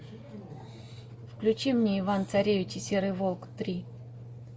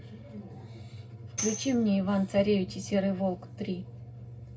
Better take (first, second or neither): first